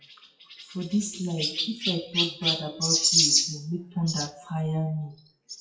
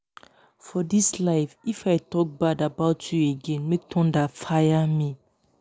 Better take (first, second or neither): second